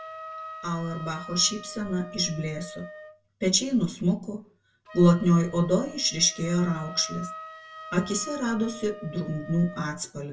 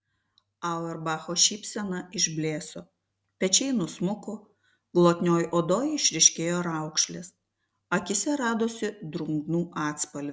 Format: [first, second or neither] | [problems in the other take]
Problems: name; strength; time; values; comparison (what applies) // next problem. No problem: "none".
second | background sound (Wind instrument, woodwind instrument); 16 dB below the speech // room echo; dies away in 0.1 s